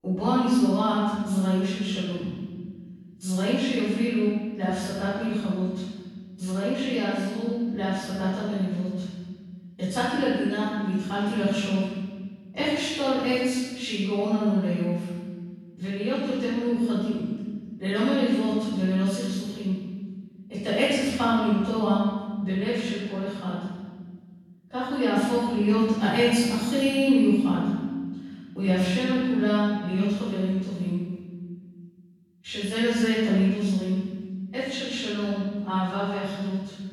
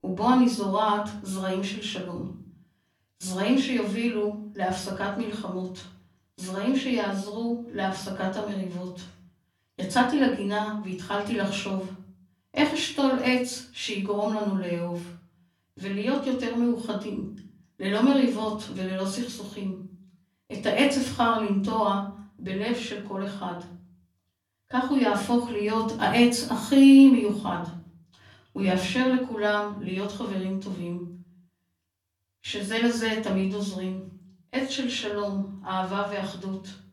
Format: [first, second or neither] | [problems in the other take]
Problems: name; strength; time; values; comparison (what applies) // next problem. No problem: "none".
second | room echo; strong; dies away in 1.7 s; slight in the second // off-mic speech; far; far in the second